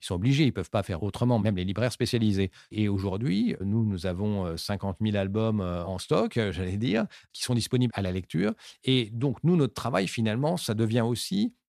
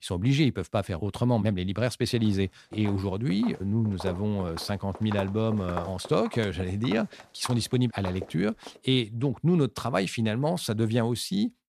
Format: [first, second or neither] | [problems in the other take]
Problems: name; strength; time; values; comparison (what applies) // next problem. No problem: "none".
first | footsteps; noticeable; from 2.5 to 8.5 s; peak 10 dB below the speech